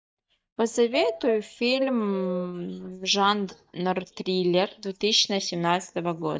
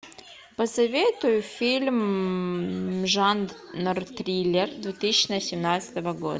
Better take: second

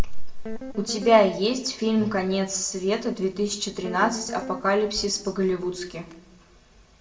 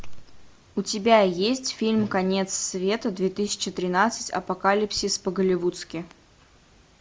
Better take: second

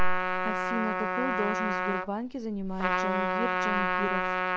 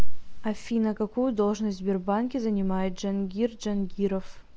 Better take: second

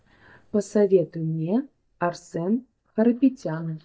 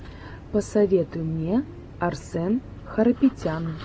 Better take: second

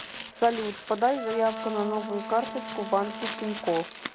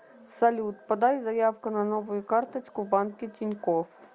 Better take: second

